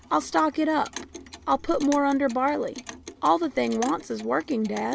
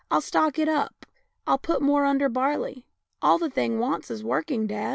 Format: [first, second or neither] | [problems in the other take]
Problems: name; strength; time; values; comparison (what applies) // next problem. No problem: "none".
second | background sound (Clock); 17 dB below the speech